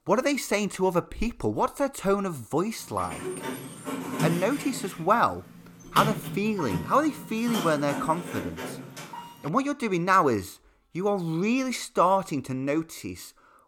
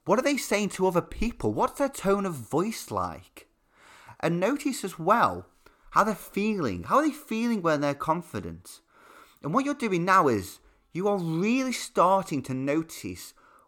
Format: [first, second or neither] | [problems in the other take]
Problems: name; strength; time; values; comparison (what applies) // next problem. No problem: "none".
second | door banging; noticeable; from 3 to 9.5 s; peak 3 dB below the speech